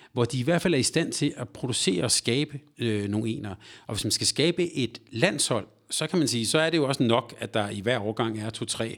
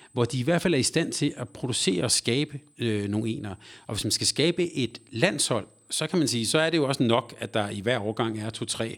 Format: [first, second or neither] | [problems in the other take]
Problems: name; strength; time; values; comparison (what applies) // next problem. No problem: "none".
first | high-pitched whine; faint; throughout; 8 kHz, 35 dB below the speech